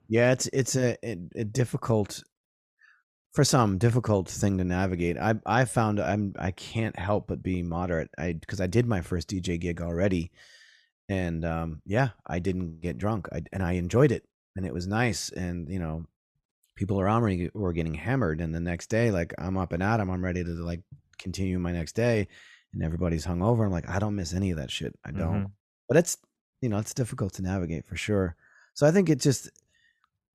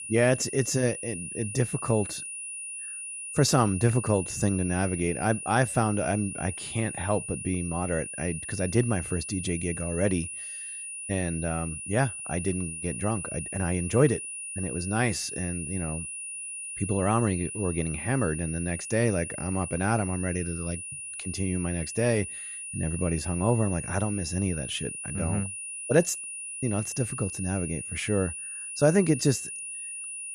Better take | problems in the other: first | high-pitched whine; loud; throughout; 9.5 kHz, 6 dB below the speech

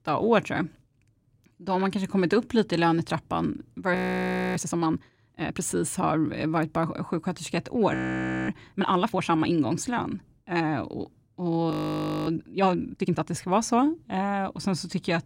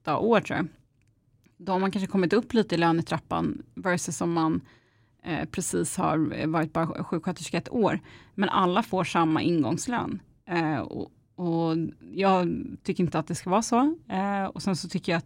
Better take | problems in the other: second | audio freezing; at 4 s for 0.5 s, at 8 s for 0.5 s and at 12 s for 0.5 s

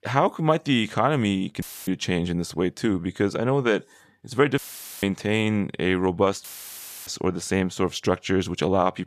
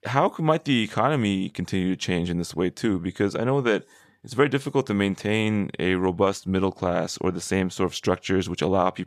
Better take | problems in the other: second | audio cutting out; filled with static; at 1.5 s, at 4.5 s and at 6.5 s for 0.5 s

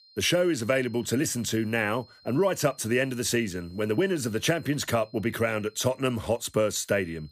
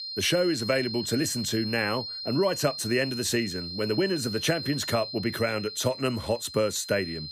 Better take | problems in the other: first | high-pitched whine; loud; throughout; 4 kHz, 7 dB below the speech; faint in the first

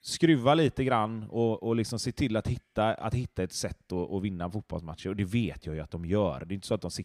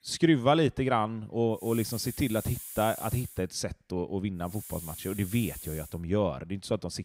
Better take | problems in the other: first | hiss; noticeable; from 1.5 to 3.5 s and from 4.5 to 6 s; 10 dB below the speech

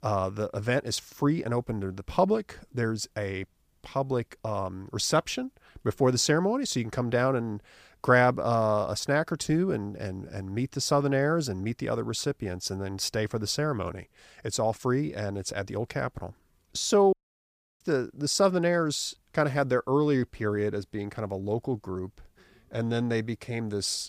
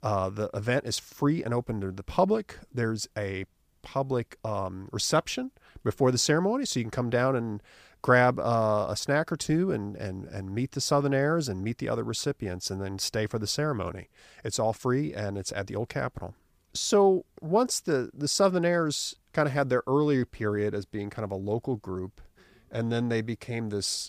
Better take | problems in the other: second | audio cutting out; at 17 s for 0.5 s

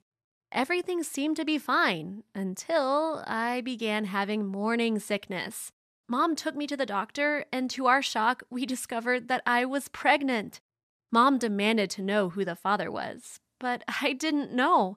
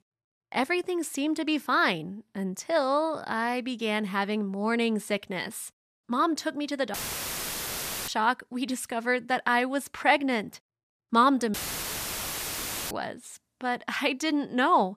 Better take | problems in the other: first | audio cutting out; filled with static; at 7 s for 1 s and at 12 s for 1.5 s

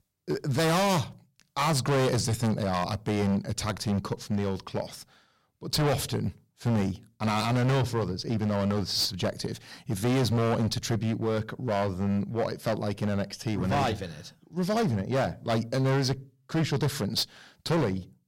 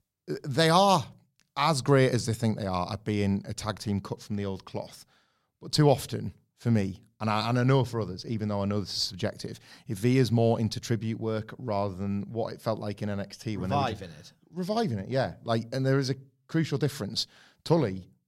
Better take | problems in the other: second | distortion; heavy; 15% of the sound clipped

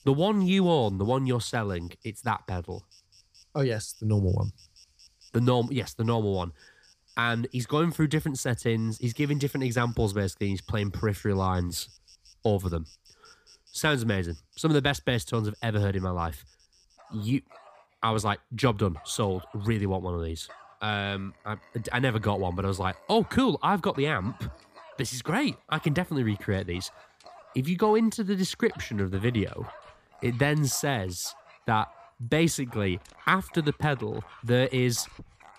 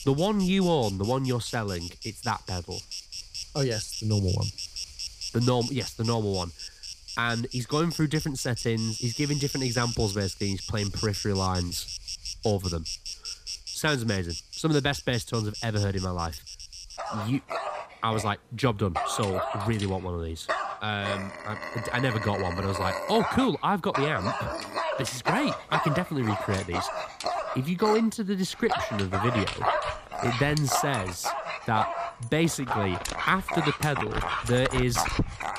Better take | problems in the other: first | animal sounds; loud; throughout; 5 dB below the speech; faint in the first

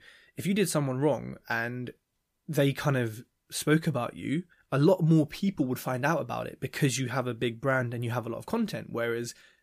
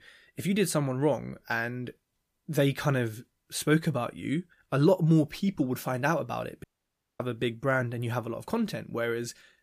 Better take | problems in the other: first | audio cutting out; at 6.5 s for 0.5 s

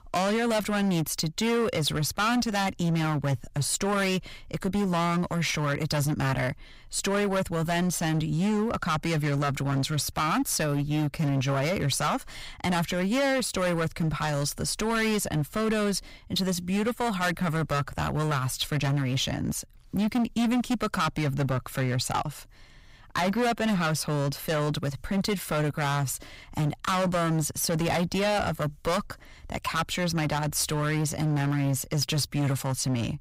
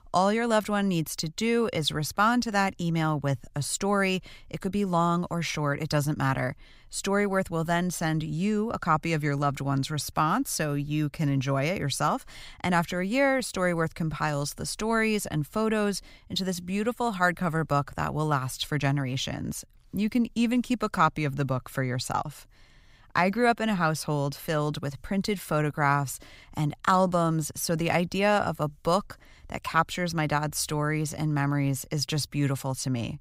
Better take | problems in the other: second | distortion; heavy; 17% of the sound clipped

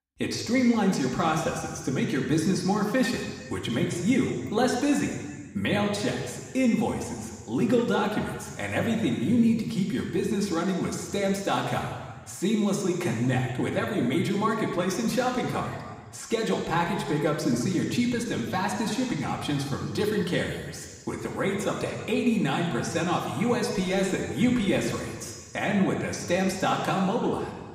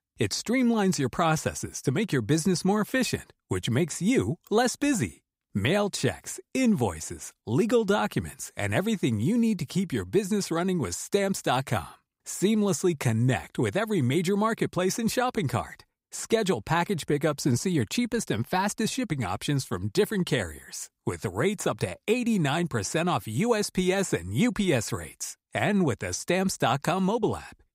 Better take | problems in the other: second | room echo; noticeable; dies away in 1.5 s // off-mic speech; somewhat distant

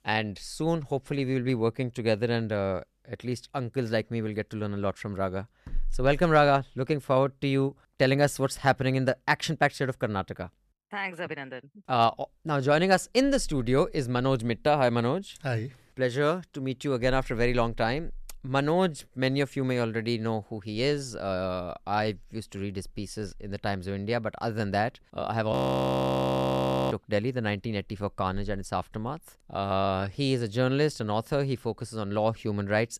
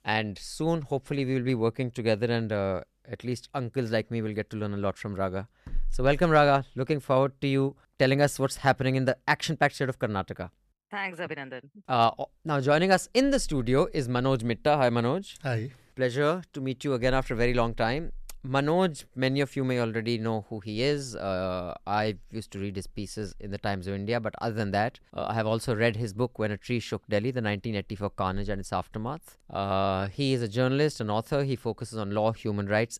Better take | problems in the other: second | audio freezing; at 26 s for 1.5 s

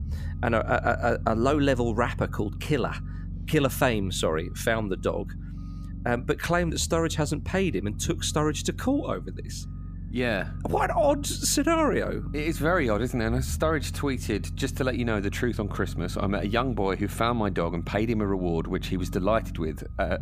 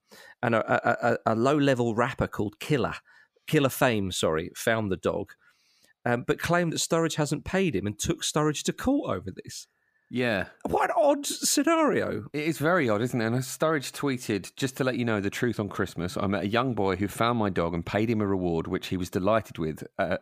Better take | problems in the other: second | low rumble; faint; throughout; 20 dB below the speech

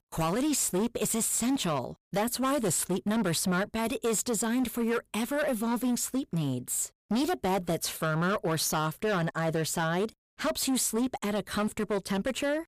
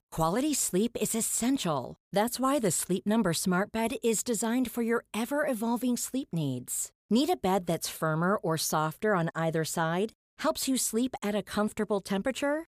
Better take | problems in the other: second | distortion; slight; 16% of the sound clipped

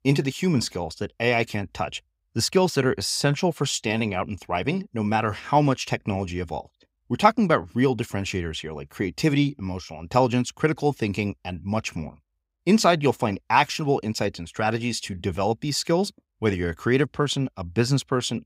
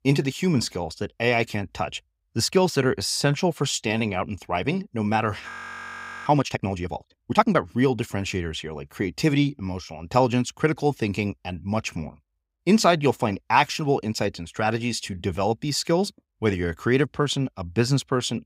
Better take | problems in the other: first | audio freezing; at 5.5 s for 1 s

